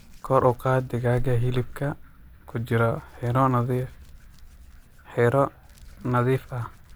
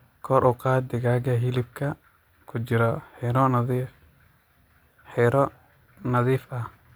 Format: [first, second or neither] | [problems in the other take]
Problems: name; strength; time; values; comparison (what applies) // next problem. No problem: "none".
second | background sound (Hands); 13 dB below the speech